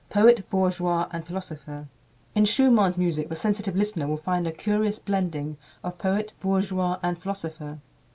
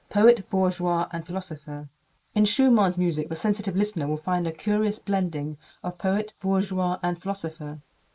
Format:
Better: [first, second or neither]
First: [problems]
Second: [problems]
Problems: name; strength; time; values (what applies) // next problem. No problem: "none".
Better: first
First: none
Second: noise reduction (neural mask model Resemble Enhance denoiser)